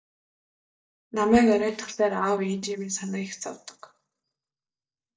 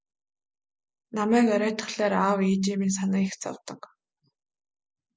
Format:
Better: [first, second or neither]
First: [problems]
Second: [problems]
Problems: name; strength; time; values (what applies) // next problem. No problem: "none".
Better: second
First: noise reduction (neural mask model DeepFilterNet 3)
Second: none